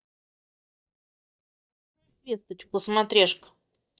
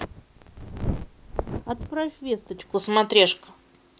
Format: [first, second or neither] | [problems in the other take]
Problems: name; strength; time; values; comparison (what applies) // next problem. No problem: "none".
second | noise reduction (neural mask model DeepFilterNet 3)